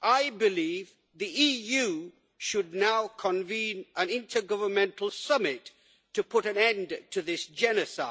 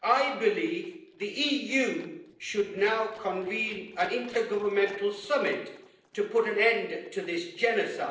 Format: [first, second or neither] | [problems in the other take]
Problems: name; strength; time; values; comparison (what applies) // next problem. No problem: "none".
first | noise reduction (neural separator model SepFormer DNS4)